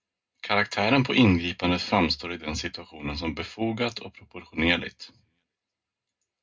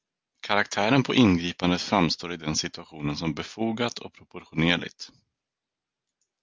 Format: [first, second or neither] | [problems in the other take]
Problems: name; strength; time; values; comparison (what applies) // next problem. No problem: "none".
second | room echo; dies away in 0.2 s